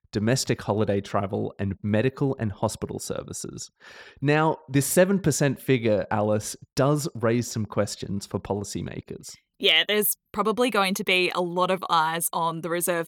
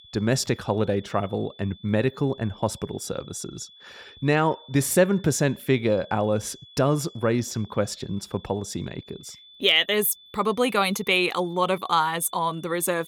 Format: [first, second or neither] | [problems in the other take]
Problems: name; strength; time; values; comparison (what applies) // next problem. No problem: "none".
first | high-pitched whine; faint; throughout; 3.5 kHz, 25 dB below the speech